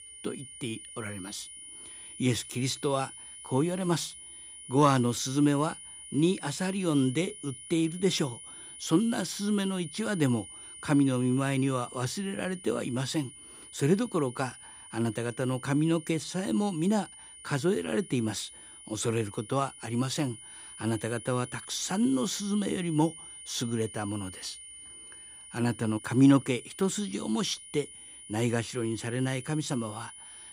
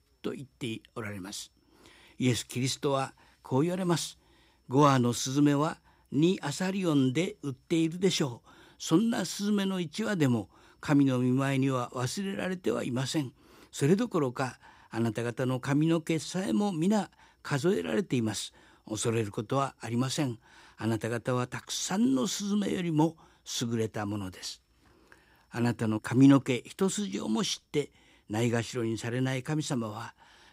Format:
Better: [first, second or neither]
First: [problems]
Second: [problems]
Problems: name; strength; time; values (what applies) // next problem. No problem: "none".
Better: second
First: high-pitched whine; noticeable; throughout; 9.5 kHz, 15 dB below the speech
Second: none